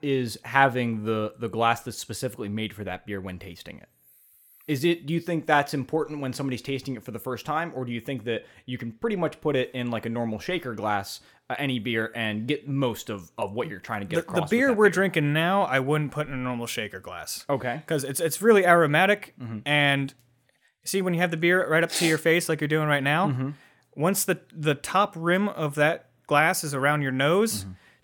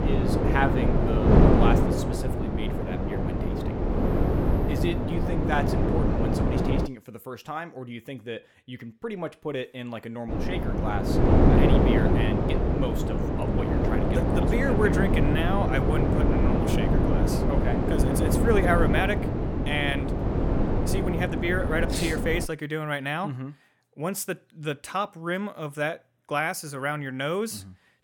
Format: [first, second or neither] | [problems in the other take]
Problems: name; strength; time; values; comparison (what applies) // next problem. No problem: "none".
first | wind noise on the microphone; heavy; until 7 s and from 10 to 22 s; 1 dB above the speech